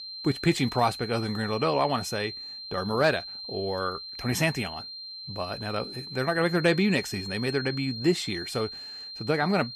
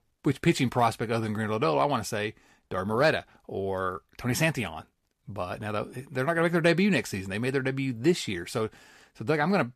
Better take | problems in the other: second | high-pitched whine; loud; throughout; 4 kHz, 9 dB below the speech

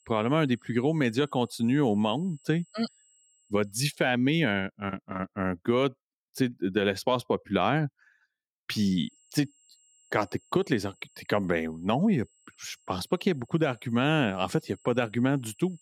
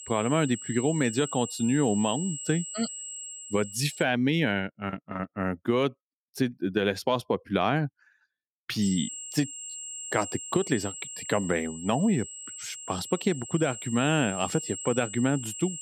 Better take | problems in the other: first | high-pitched whine; loud; until 4 s and from 9 s on; 7.5 kHz, 9 dB below the speech; faint in the first

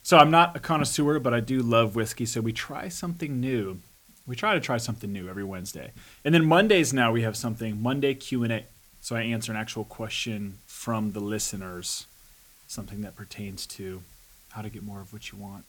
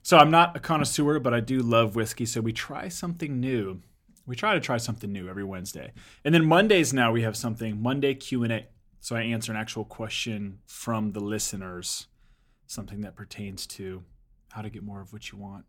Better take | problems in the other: second | hiss; faint; throughout; 30 dB below the speech

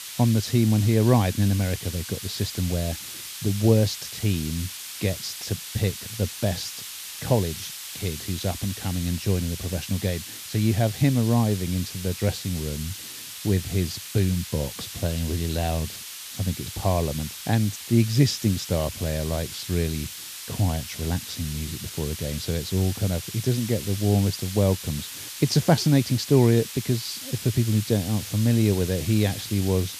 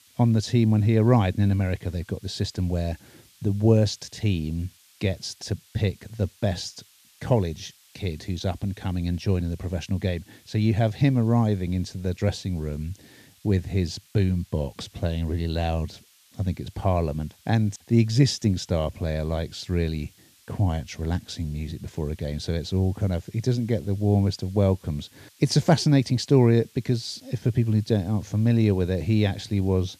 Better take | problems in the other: second | hiss; loud; throughout; 9 dB below the speech; faint in the second

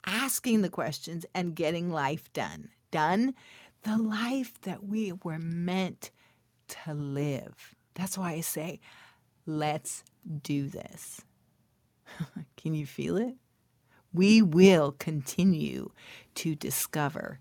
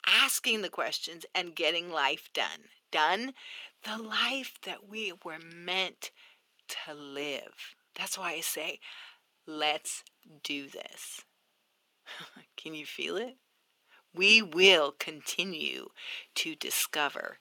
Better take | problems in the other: first | thin; very; fading below 350 Hz

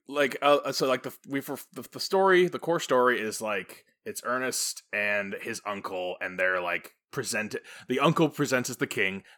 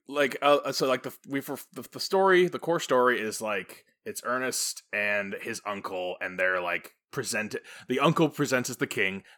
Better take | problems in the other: neither | none

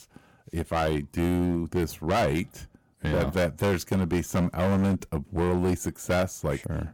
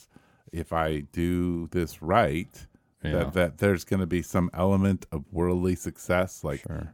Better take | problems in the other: second | distortion; heavy; 13% of the sound clipped

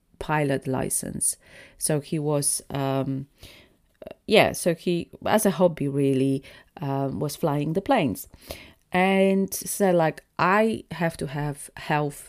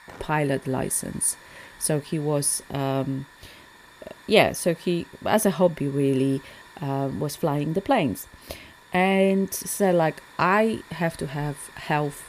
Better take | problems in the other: first | hiss; faint; throughout; 25 dB below the speech

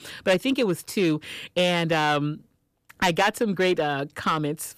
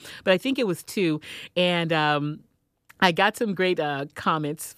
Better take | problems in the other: second | distortion; slight; 4% of the sound clipped

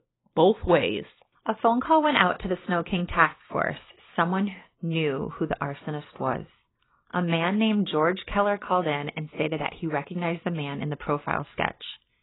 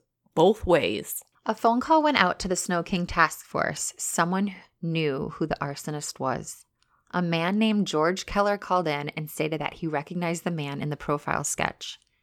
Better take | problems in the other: second | garbled, watery; badly; nothing above 4 kHz

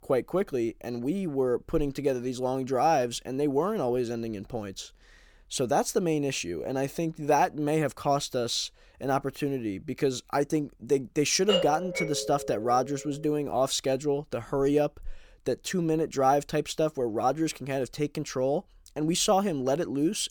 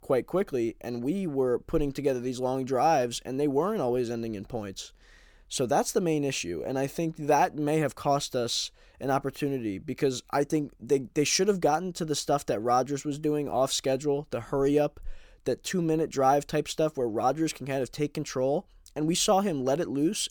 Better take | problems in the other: second | doorbell; loud; from 11 to 13 s; peak level with the speech

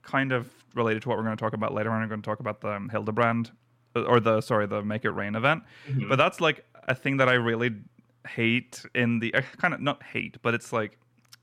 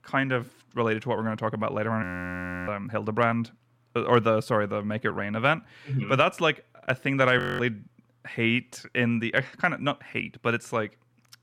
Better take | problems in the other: first | audio freezing; at 2 s for 0.5 s and at 7.5 s

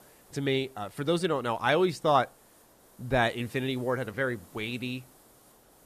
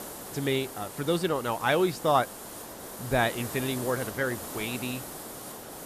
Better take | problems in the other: first | hiss; loud; throughout; 10 dB below the speech; faint in the first

